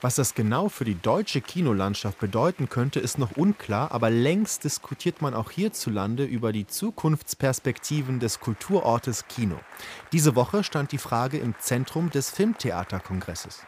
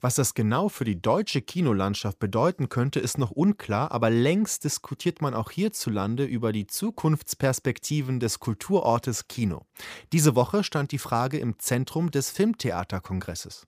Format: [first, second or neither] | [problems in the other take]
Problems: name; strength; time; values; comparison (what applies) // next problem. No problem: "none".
second | crowd noise; faint; throughout; 20 dB below the speech